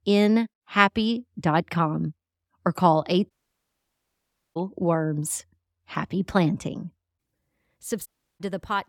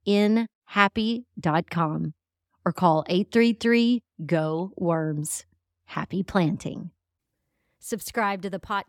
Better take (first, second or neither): second